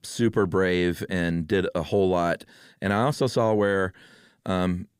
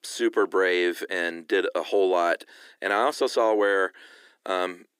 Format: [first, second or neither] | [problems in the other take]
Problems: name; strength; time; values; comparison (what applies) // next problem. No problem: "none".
first | thin; very; fading below 300 Hz